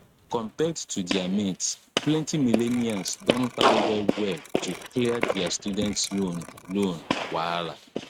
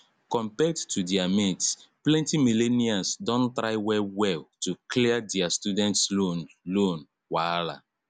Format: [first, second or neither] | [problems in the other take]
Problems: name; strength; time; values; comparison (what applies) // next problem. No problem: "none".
second | noise reduction (neural mask model RNNoise)